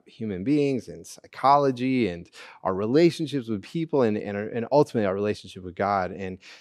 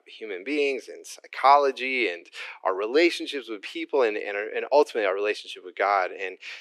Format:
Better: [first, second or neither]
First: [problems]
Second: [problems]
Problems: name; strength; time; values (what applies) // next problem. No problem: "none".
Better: first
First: none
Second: thin; very; fading below 350 Hz